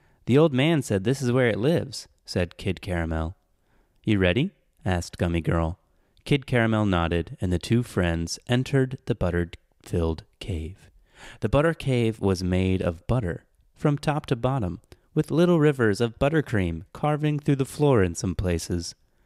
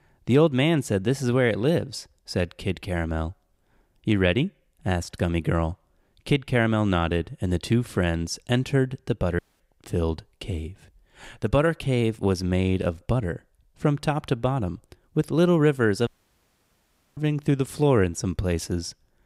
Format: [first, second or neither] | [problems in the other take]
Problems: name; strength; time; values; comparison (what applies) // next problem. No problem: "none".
first | audio cutting out; at 9.5 s and at 16 s for 1 s